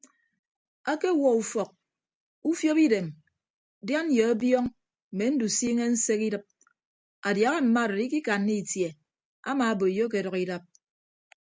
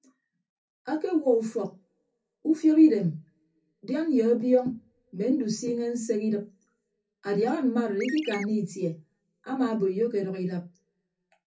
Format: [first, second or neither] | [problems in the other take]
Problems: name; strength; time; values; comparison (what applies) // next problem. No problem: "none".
first | background sound (Chirp, tweet); 11 dB below the speech // room echo; dies away in 0.3 s